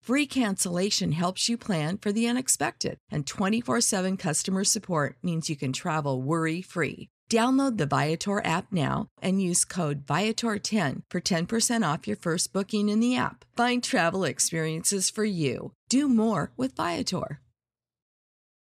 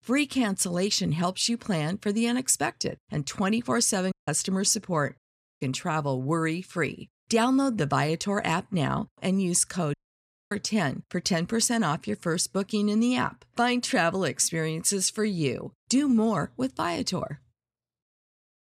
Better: first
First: none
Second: audio cutting out; at 4 s, at 5 s and at 10 s for 0.5 s

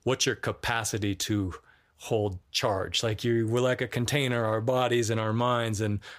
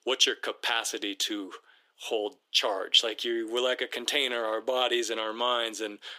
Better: first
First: none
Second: thin; very; fading below 300 Hz

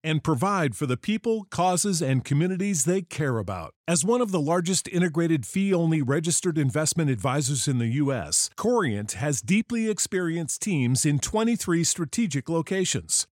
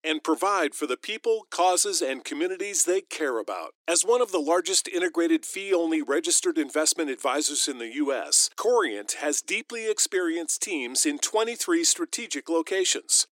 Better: first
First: none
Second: thin; very; fading below 300 Hz

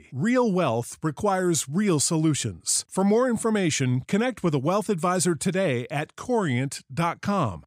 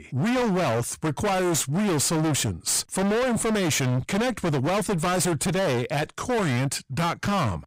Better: first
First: none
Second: distortion; heavy; 45% of the sound clipped

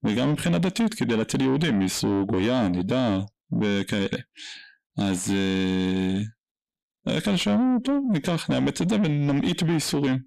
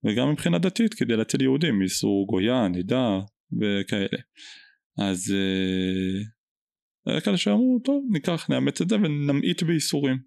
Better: second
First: distortion; slight; 10 dB below the speech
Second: none

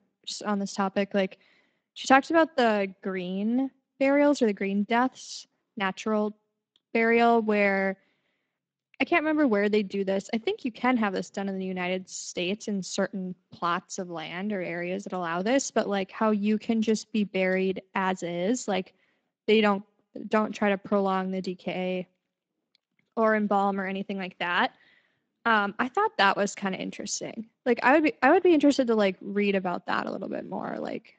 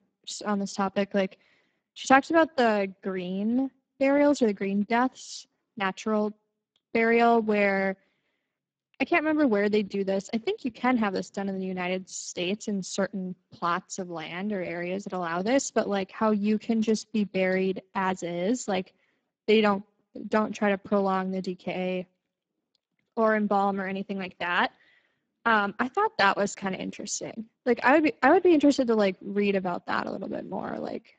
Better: first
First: garbled, watery; slightly; nothing above 7.5 kHz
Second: garbled, watery; badly; nothing above 7.5 kHz

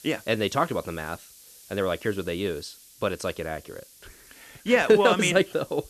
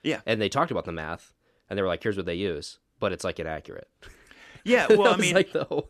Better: second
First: hiss; faint; throughout; 25 dB below the speech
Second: none

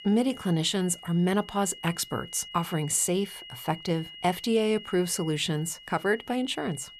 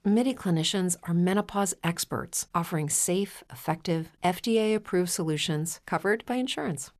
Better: second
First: high-pitched whine; noticeable; throughout; 3 kHz, 15 dB below the speech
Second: none

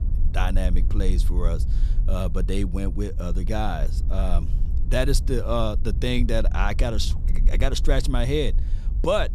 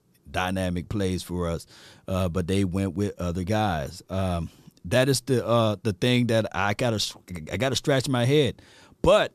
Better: second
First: wind noise on the microphone; occasional gusts; 15 dB below the speech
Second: none

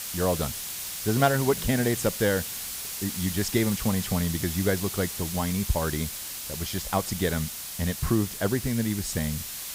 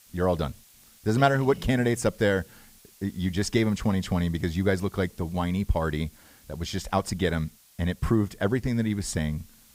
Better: second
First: hiss; loud; throughout; 5 dB below the speech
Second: hiss; faint; throughout; 25 dB below the speech

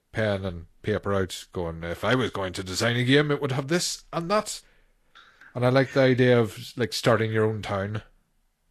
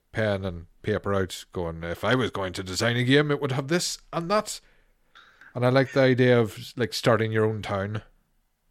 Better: second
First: garbled, watery; slightly; nothing above 13 kHz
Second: none

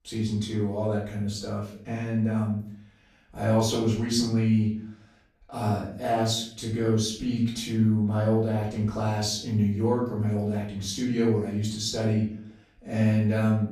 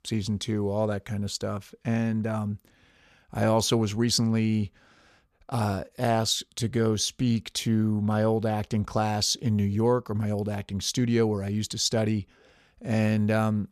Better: second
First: room echo; noticeable; dies away in 0.5 s // off-mic speech; far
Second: none

